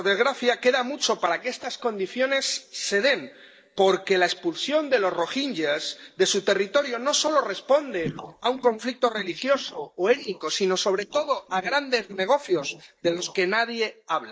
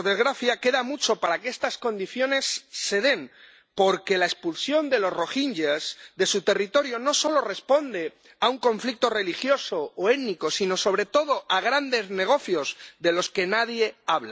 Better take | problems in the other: second | noise reduction (neural mask model DeepFilterNet 3)

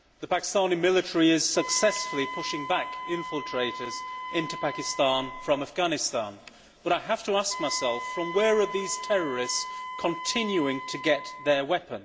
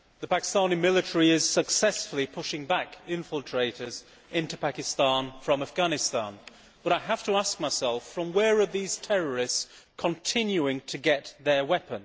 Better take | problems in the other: second | background sound (Wind instrument, woodwind instrument); 10 dB below the speech // room echo; dies away in 0.5 s

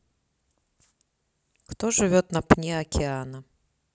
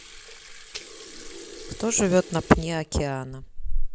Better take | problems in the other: first | background sound (Sink (filling or washing) / Water tap, faucet); 3 dB below the speech

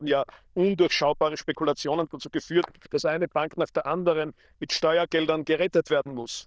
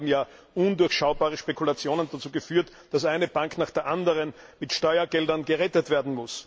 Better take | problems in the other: second | noise reduction (neural diffusion model UNIVERSE++)

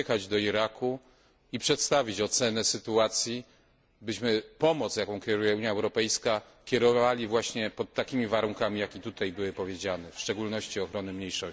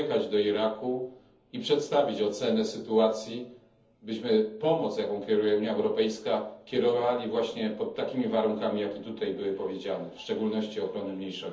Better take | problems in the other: first | room echo; dies away in 0.7 s

